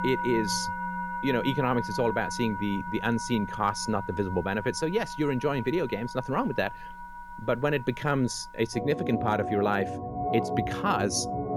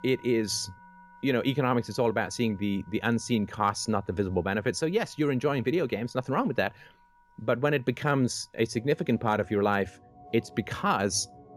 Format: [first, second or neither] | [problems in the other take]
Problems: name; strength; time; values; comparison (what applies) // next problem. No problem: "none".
second | background music; loud; throughout; 6 dB below the speech; faint in the second